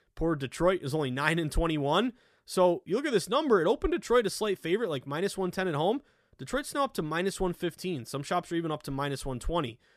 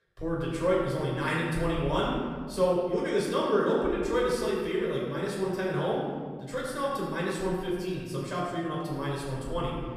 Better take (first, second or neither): first